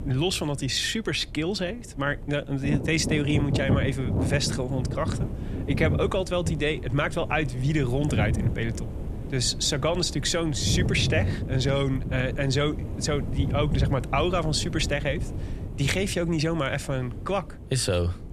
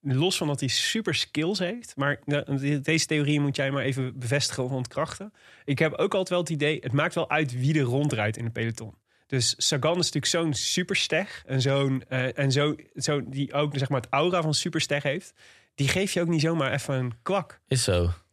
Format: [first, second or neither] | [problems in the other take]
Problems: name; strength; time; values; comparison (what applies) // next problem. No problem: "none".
second | wind noise on the microphone; occasional gusts; 10 dB below the speech